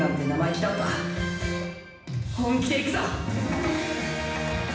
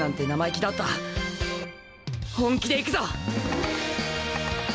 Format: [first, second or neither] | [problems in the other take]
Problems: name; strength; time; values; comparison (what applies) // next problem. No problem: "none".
second | room echo; dies away in 0.9 s